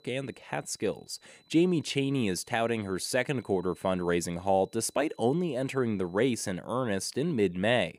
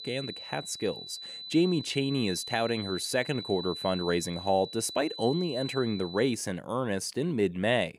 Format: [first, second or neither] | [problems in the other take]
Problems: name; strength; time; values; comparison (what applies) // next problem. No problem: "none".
first | high-pitched whine; loud; until 6.5 s; 4 kHz, 9 dB below the speech; faint in the first